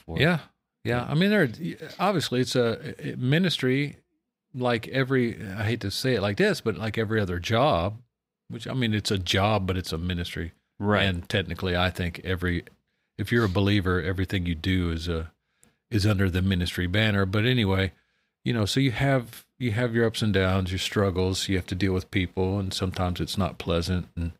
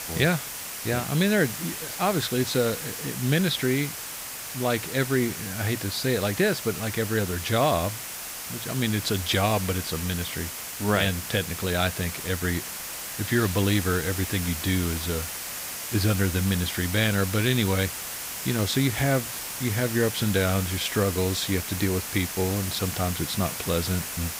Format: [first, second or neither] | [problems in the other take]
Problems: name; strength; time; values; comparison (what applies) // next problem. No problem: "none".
first | hiss; loud; throughout; 6 dB below the speech